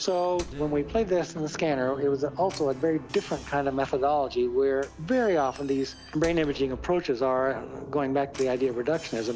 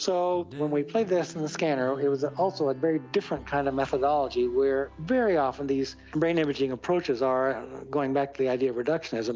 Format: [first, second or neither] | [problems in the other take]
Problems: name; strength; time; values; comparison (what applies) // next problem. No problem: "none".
second | background sound (Knock / Slam); 17 dB below the speech